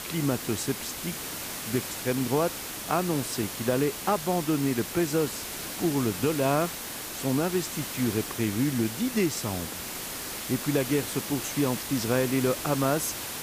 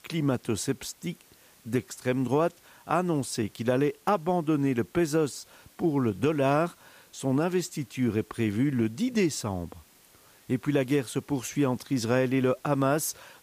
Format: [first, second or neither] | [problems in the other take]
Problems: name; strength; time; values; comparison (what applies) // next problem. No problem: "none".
second | hiss; loud; throughout; 5 dB below the speech; faint in the second